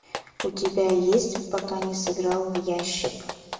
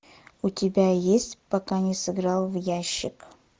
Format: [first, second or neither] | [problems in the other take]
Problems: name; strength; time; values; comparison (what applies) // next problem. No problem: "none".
second | background sound (Clapping); 12 dB below the speech // room echo; dies away in 1.6 s